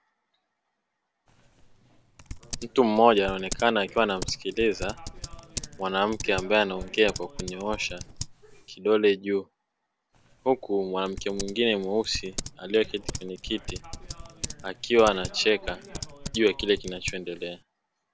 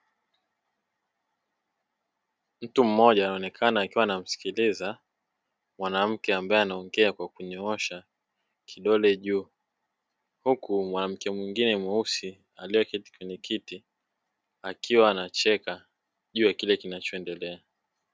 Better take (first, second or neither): second